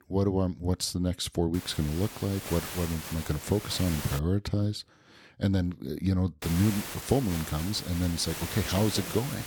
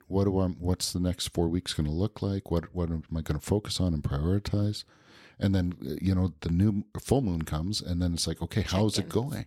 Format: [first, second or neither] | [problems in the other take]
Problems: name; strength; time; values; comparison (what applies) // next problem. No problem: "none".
second | hiss; loud; from 1.5 to 4 s and from 6.5 s on; 8 dB below the speech